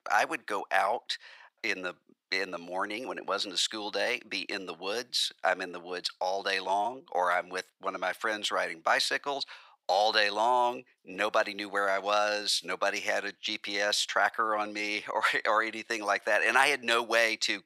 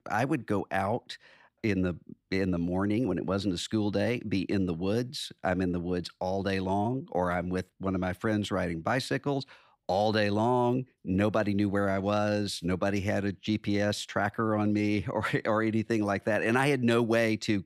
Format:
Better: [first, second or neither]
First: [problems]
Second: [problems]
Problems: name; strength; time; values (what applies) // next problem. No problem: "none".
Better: second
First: thin; very; fading below 850 Hz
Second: none